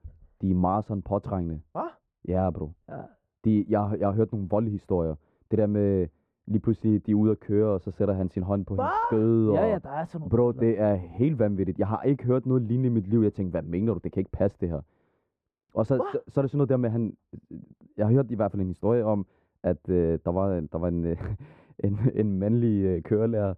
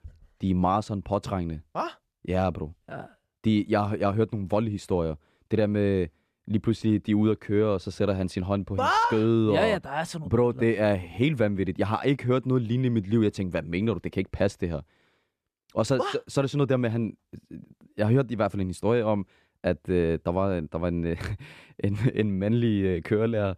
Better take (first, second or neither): second